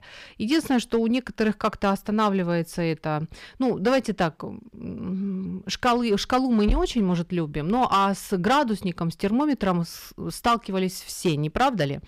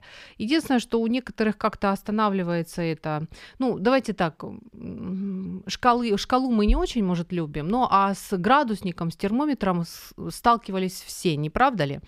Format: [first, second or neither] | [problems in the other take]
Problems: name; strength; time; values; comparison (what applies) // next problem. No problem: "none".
second | distortion; slight; 4% of the sound clipped